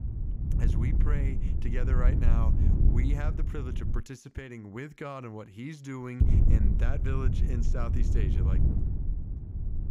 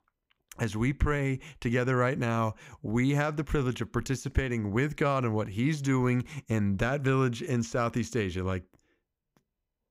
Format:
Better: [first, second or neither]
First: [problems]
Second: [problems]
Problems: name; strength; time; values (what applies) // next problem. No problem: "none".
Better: second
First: wind noise on the microphone; heavy; until 4 s and from 6 s on; 2 dB below the speech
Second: none